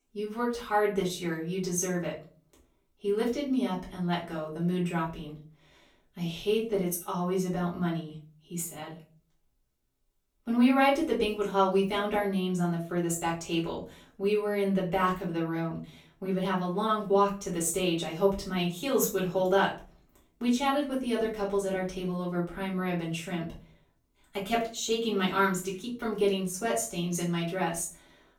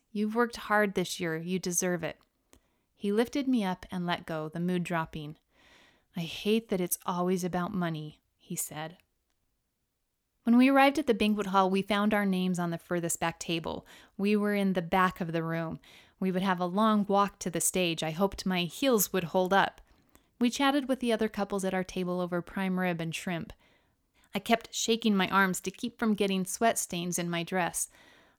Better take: second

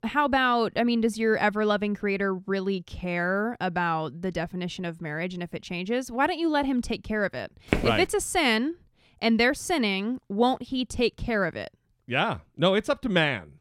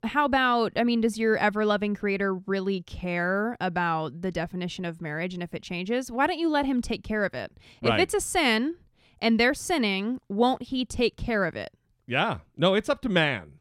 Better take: second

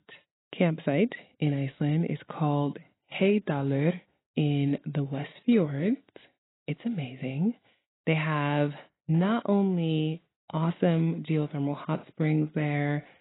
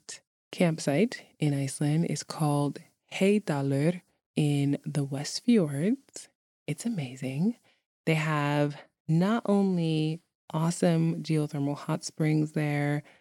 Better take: second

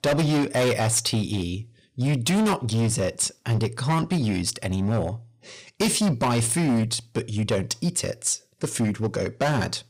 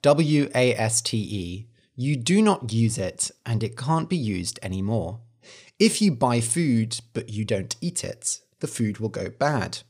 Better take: second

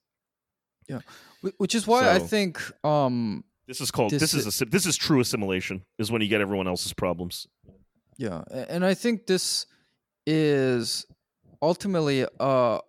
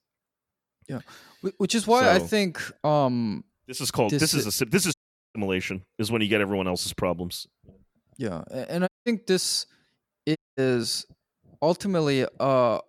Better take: first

